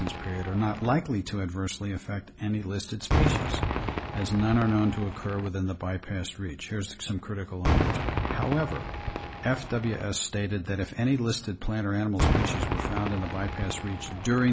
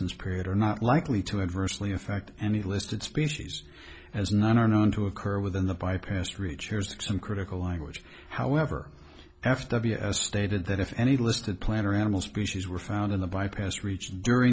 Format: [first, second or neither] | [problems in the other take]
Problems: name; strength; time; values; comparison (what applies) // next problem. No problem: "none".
second | background sound (Cheering / Fireworks); 3 dB below the speech